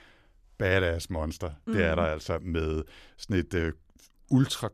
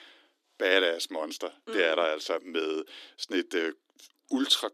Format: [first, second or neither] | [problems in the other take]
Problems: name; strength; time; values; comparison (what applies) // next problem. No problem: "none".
first | thin; somewhat; fading below 300 Hz